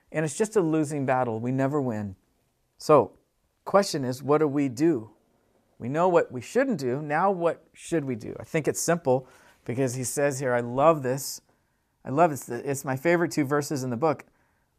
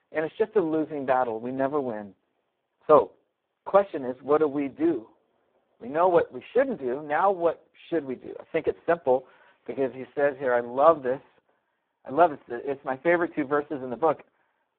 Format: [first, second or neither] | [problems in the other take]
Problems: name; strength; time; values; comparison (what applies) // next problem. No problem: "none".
first | phone-call audio; poor line; nothing above 3.5 kHz